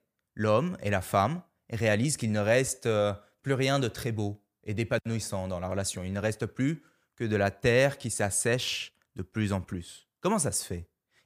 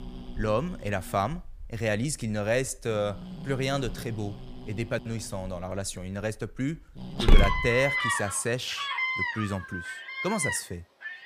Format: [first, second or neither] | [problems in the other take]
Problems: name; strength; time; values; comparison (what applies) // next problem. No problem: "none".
first | animal sounds; very loud; throughout; as loud as the speech